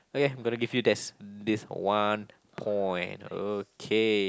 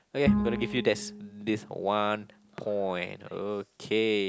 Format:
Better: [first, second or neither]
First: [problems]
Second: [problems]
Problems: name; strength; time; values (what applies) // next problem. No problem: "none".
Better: first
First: none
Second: background sound (Bowed string instrument); 4 dB below the speech